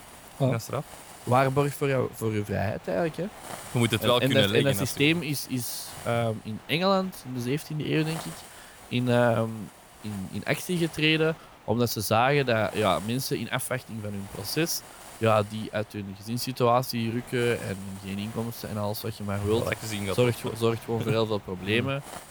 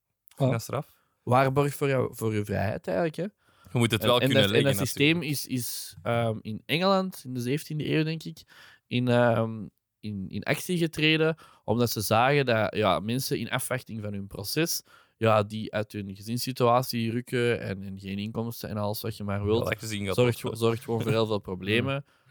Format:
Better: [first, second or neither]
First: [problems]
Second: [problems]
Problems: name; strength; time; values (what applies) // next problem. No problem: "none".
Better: second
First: hiss; noticeable; throughout; 15 dB below the speech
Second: none